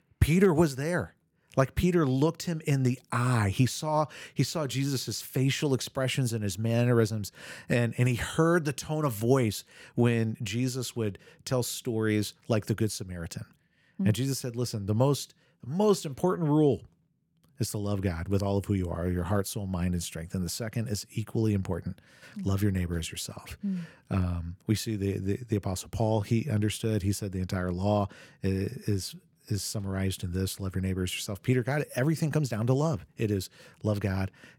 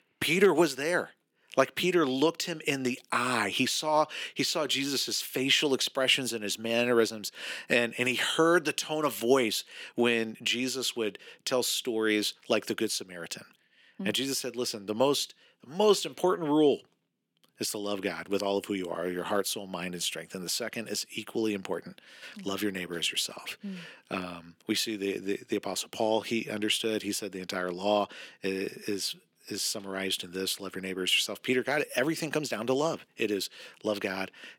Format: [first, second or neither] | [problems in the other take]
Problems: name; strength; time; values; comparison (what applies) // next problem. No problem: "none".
first | thin; somewhat; fading below 250 Hz